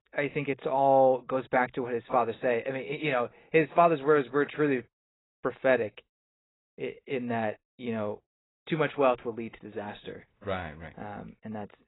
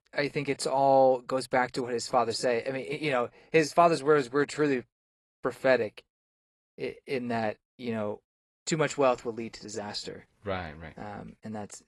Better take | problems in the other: second | garbled, watery; badly; nothing above 4 kHz; slightly in the second

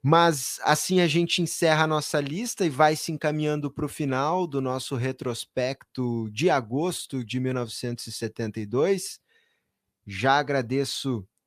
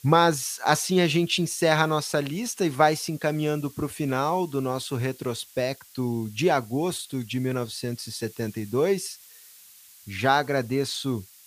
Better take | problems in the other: first | hiss; faint; throughout; 25 dB below the speech

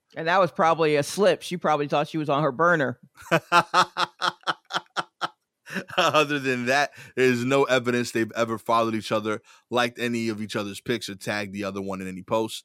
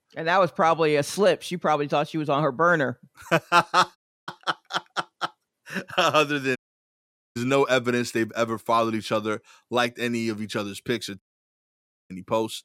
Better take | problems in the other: first | audio cutting out; at 4 s, at 6.5 s for 1 s and at 11 s for 1 s

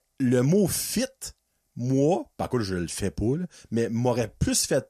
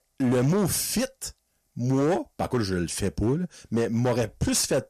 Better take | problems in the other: first | distortion; slight; 12% of the sound clipped

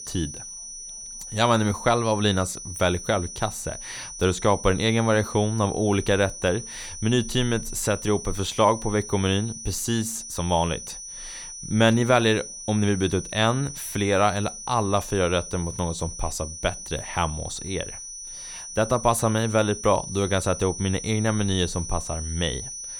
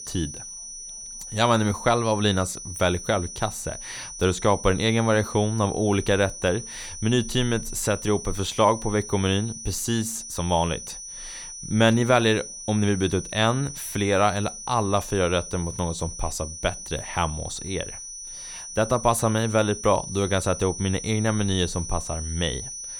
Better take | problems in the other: neither | high-pitched whine; noticeable; throughout; 6 kHz, 10 dB below the speech; the same in both

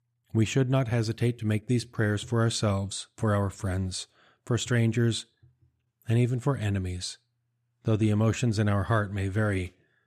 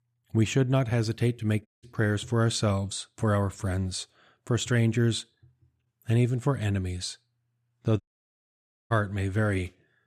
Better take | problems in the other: first | audio cutting out; at 1.5 s and at 8 s for 1 s

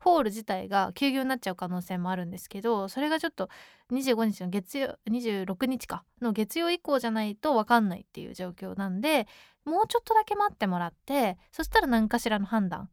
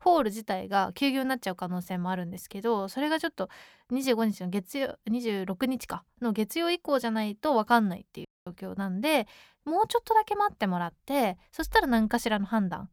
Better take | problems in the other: first | audio cutting out; at 8.5 s

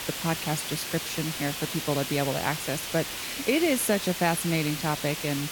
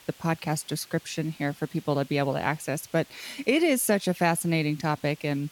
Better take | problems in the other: second | hiss; loud; throughout; 4 dB below the speech; faint in the second

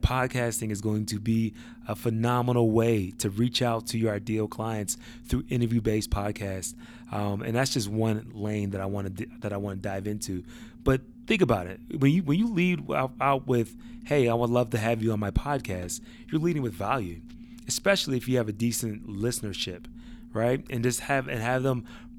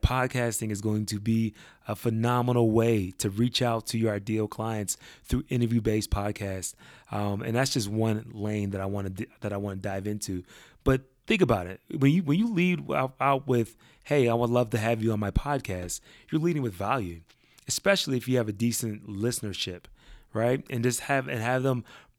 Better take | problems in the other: second | low rumble; faint; throughout; 25 dB below the speech

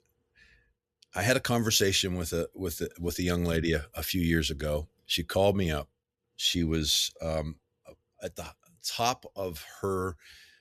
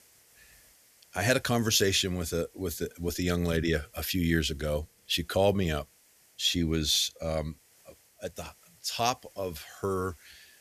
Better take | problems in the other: first | hiss; faint; throughout; 30 dB below the speech

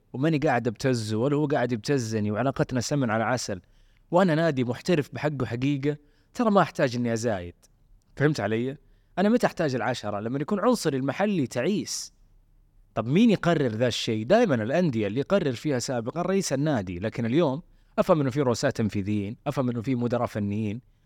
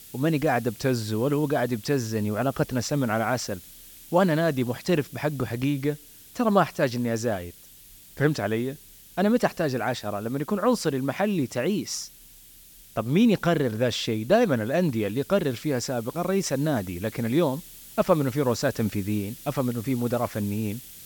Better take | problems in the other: first | hiss; noticeable; throughout; 20 dB below the speech

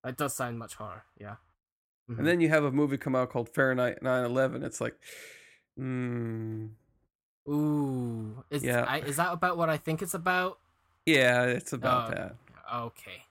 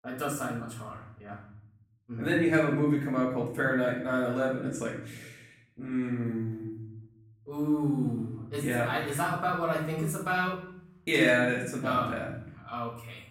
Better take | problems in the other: first | off-mic speech; far // room echo; noticeable; dies away in 0.8 s

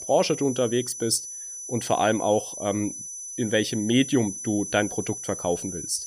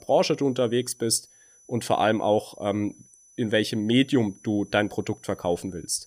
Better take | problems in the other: second | high-pitched whine; loud; throughout; 6 kHz, 8 dB below the speech; faint in the second

